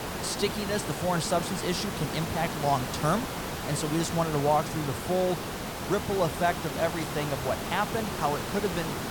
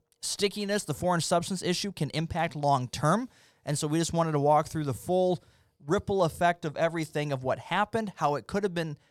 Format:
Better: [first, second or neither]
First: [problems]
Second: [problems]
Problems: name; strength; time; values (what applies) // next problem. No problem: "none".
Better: second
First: hiss; loud; throughout; 4 dB below the speech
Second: none